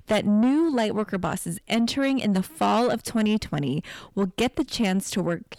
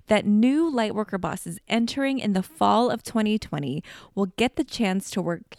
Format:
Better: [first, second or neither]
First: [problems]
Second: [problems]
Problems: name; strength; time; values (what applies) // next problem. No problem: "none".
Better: second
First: distortion; slight; 10 dB below the speech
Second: none